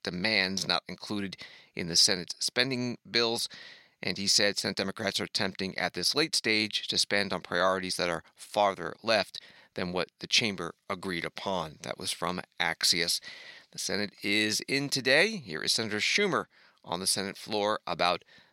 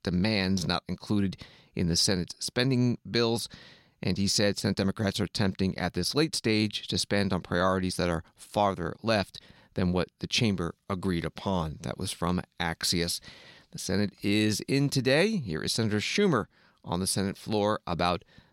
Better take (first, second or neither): second